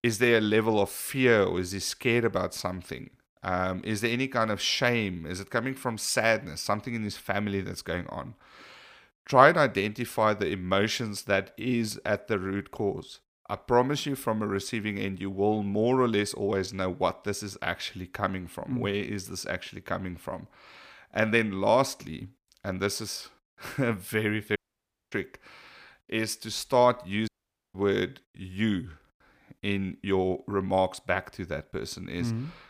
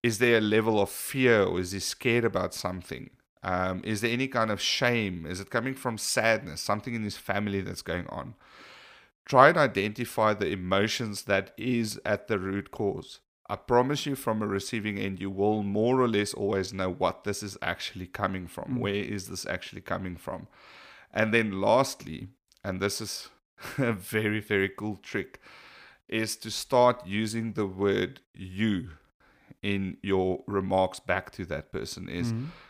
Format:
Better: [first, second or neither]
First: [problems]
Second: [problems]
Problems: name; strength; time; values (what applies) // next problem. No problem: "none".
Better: second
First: audio cutting out; at 25 s for 0.5 s and at 27 s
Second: none